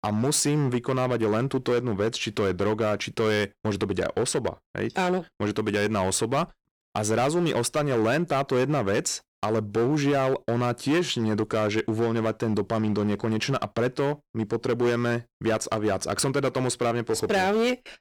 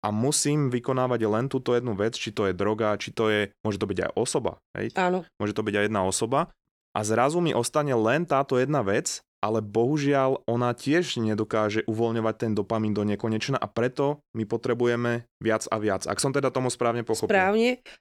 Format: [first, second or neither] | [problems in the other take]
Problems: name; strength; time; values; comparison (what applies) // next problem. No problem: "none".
second | distortion; slight; 12% of the sound clipped